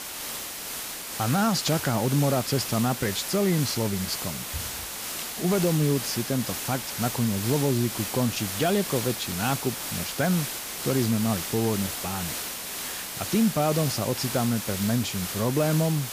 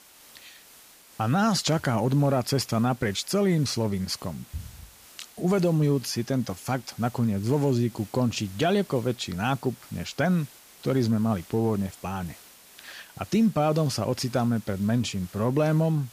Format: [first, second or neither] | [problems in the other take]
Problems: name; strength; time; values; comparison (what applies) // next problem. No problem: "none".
second | hiss; loud; throughout; 5 dB below the speech; faint in the second